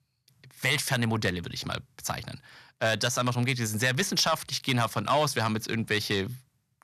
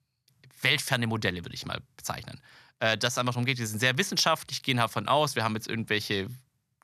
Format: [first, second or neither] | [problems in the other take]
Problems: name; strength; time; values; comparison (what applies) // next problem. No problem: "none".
second | distortion; slight; 10 dB below the speech